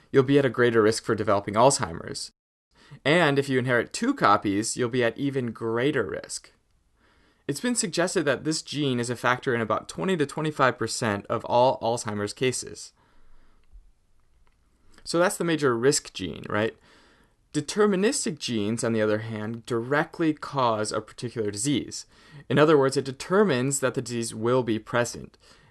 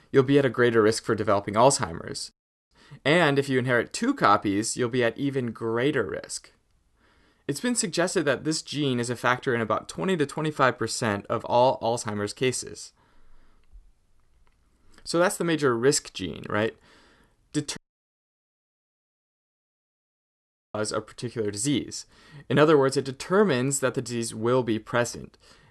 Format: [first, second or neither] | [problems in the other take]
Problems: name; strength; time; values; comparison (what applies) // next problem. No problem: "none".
first | audio cutting out; at 18 s for 3 s